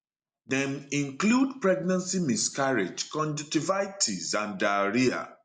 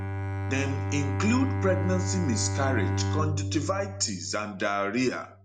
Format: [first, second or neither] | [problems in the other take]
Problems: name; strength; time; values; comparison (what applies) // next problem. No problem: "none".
first | background sound (Bowed string instrument); as loud as the speech